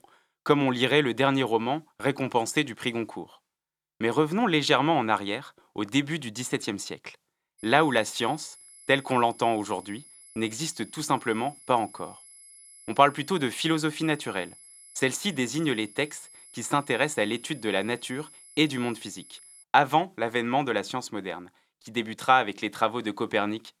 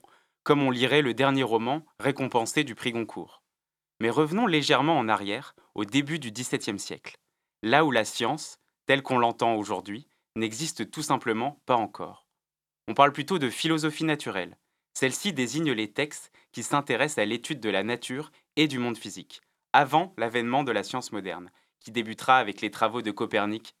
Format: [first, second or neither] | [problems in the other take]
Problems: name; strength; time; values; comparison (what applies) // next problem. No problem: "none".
second | high-pitched whine; faint; from 7.5 to 20 s; 11 kHz, 20 dB below the speech